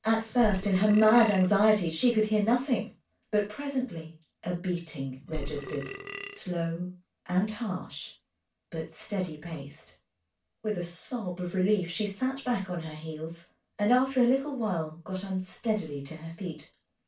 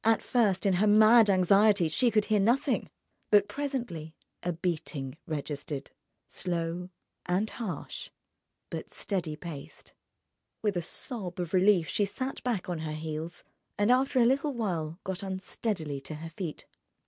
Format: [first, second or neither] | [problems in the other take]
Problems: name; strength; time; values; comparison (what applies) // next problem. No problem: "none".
second | background sound (Burping, eructation); 8 dB below the speech // room echo; dies away in 0.2 s